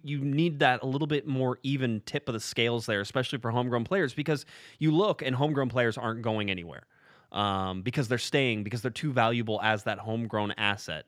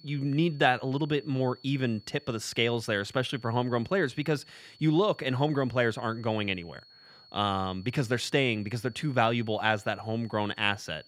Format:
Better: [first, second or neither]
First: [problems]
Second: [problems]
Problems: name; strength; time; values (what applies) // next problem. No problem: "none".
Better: first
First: none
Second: high-pitched whine; faint; throughout; 4.5 kHz, 25 dB below the speech